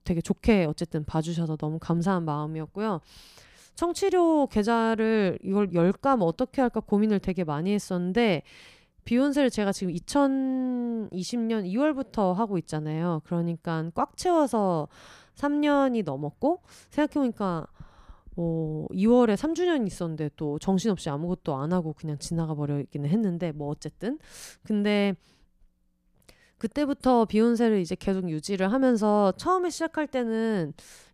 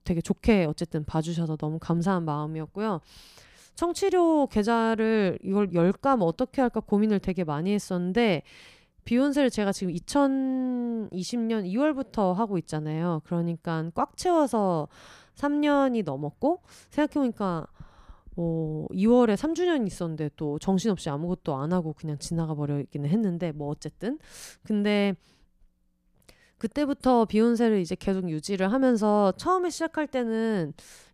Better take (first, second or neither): neither